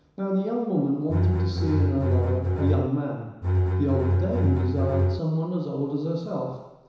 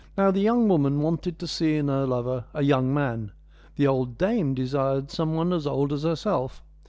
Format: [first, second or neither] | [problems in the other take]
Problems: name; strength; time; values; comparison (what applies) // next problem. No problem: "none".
second | background sound (Bowed string instrument); 4 dB above the speech // room echo; dies away in 1 s